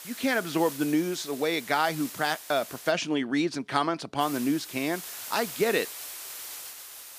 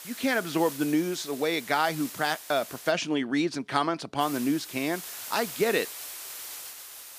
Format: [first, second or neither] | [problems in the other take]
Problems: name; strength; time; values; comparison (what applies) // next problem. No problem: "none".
neither | hiss; noticeable; until 3 s and from 4 s on; 10 dB below the speech; the same in both